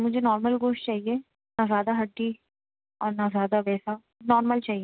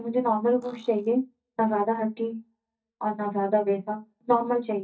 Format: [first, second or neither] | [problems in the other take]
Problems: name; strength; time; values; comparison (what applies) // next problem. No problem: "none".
first | noise reduction (neural mask model DeepFilterNet 3)